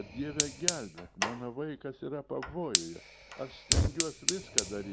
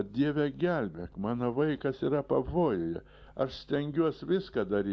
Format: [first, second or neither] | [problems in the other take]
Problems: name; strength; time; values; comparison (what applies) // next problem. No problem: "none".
second | background sound (Fire); 5 dB above the speech